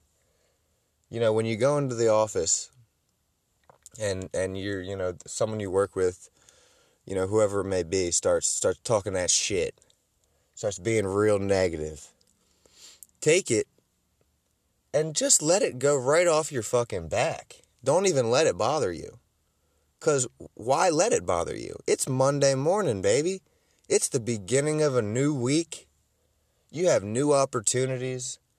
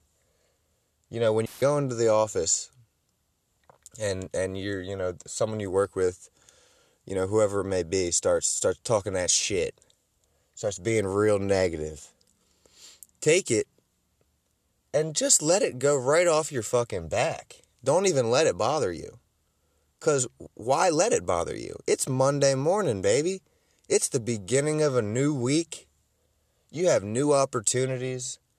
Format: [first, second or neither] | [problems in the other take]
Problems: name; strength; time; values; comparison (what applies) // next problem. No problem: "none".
first | audio cutting out; filled with static; at 1.5 s